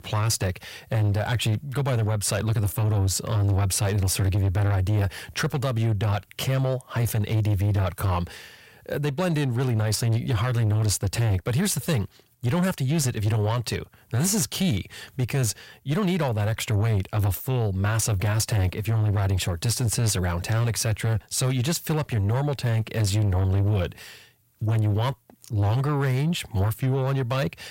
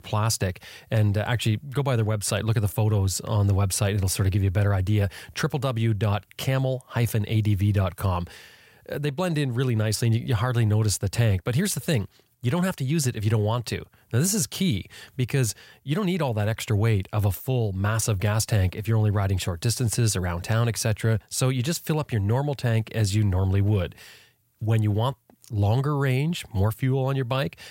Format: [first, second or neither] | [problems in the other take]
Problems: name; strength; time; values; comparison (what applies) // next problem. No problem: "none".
second | distortion; slight; 10 dB below the speech